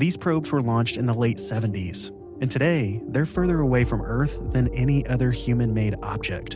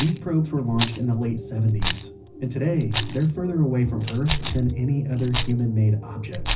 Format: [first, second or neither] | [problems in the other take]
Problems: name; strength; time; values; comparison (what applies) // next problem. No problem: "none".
first | background sound (Rattle); 8 dB below the speech // room echo; dies away in 0.4 s